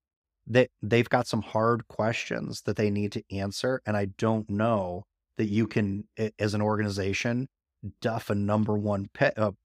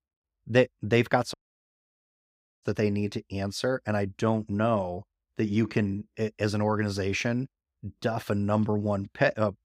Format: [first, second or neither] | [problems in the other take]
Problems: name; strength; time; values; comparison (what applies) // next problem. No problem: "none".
first | audio cutting out; at 1.5 s for 1.5 s